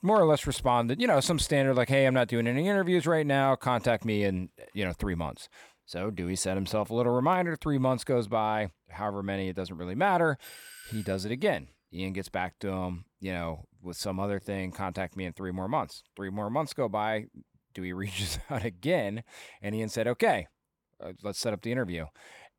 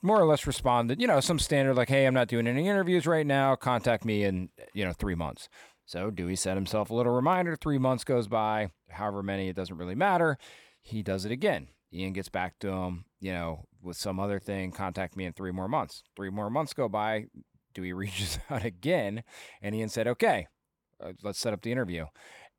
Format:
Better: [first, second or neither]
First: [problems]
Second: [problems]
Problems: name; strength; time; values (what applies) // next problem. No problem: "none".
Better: second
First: doorbell; faint; at 10 s; peak 15 dB below the speech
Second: none